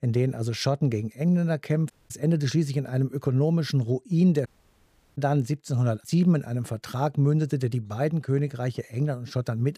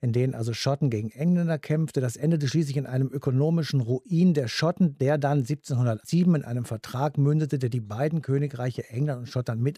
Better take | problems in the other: second | audio cutting out; at 2 s and at 4.5 s for 0.5 s

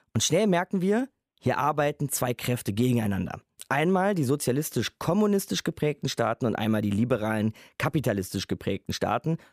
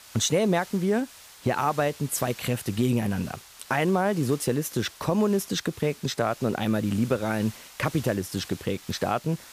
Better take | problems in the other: first | hiss; noticeable; throughout; 20 dB below the speech

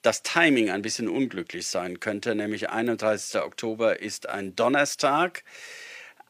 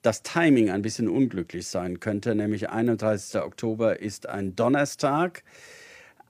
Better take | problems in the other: second | thin; very slightly; fading below 1 kHz

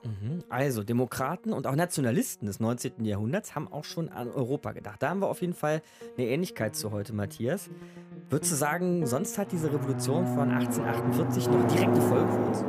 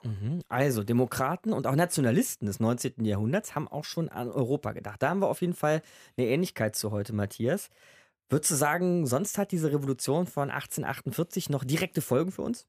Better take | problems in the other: second | background music; very loud; throughout; 2 dB above the speech

